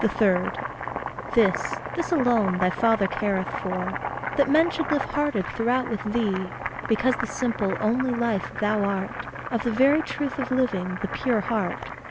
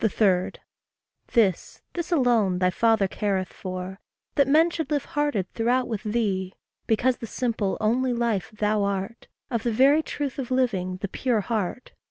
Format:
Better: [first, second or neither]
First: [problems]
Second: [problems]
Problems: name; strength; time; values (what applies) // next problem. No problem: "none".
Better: second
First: background sound (Boiling); 7 dB below the speech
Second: none